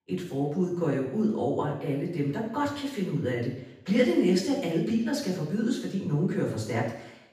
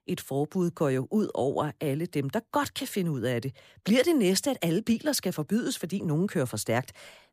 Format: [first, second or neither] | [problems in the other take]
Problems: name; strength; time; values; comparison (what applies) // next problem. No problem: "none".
second | room echo; noticeable; dies away in 0.8 s // off-mic speech; far